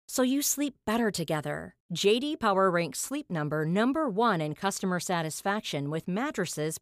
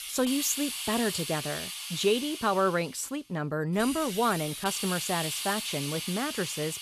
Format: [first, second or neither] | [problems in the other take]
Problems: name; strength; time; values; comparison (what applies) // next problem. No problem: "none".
first | hiss; loud; throughout; 4 dB below the speech